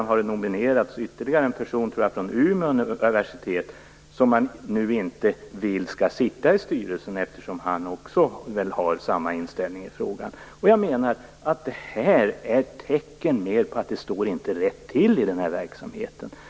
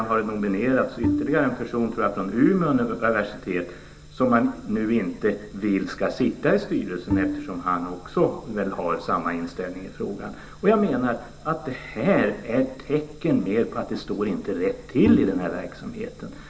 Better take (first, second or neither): first